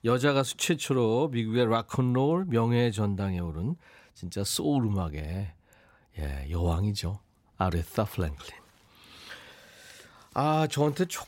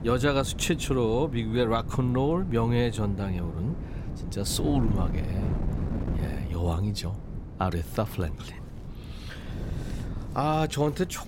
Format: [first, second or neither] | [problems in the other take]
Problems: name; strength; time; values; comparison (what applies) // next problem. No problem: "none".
first | wind noise on the microphone; occasional gusts; 15 dB below the speech